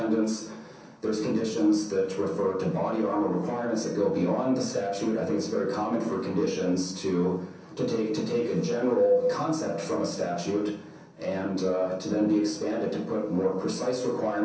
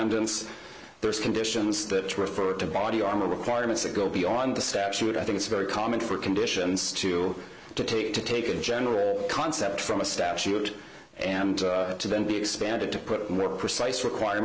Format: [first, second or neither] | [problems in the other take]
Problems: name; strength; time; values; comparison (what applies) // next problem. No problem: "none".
second | room echo; dies away in 0.6 s